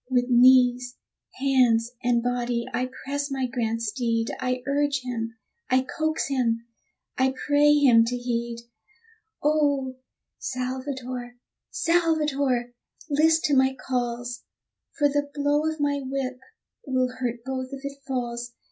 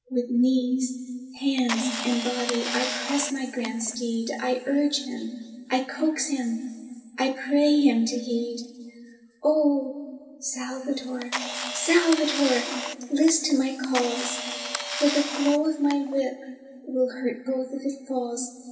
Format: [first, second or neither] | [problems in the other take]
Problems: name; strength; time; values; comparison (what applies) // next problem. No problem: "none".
first | background sound (Camera); 7 dB below the speech // room echo; dies away in 2.1 s